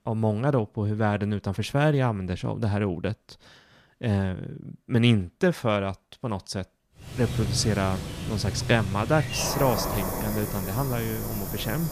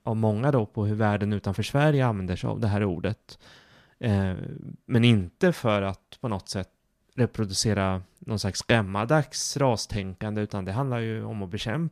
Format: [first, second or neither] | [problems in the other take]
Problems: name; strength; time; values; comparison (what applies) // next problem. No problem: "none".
second | animal sounds; loud; from 7 s on; 5 dB below the speech